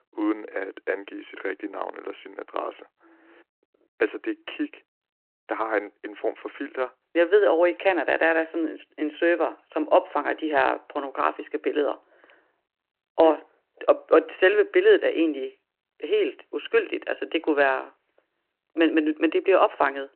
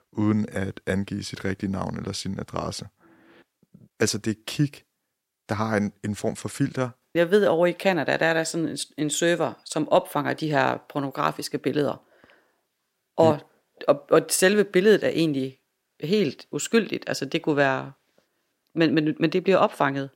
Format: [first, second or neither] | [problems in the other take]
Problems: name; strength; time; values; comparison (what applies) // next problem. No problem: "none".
second | phone-call audio